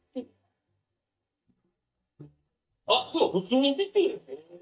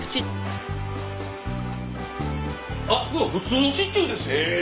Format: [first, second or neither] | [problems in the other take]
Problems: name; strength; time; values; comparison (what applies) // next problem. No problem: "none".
second | noise reduction (neural mask model DeepFilterNet 3)